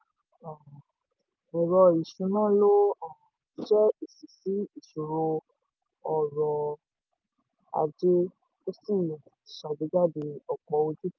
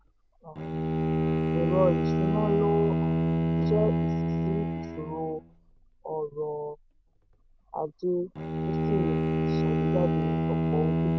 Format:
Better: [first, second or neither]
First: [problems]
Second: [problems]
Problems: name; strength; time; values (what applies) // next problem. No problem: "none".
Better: first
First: none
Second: background sound (Bowed string instrument); 5 dB above the speech